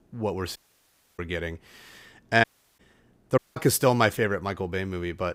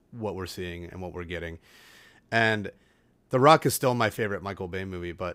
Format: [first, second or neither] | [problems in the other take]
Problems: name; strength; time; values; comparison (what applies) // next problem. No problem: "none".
second | audio cutting out; at 0.5 s for 0.5 s, at 2.5 s and at 3.5 s